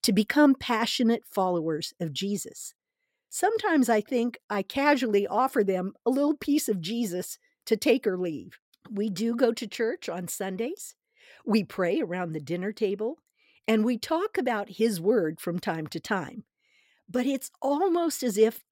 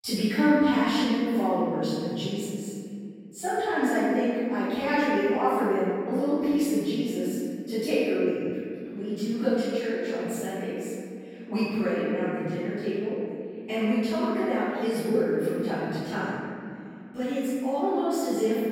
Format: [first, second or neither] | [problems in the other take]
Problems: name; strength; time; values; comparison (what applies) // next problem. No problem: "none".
first | off-mic speech; far // room echo; strong; dies away in 2.4 s